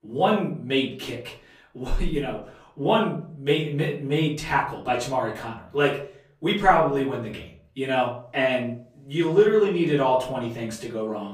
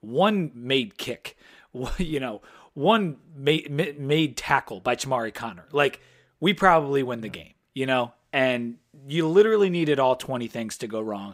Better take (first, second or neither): second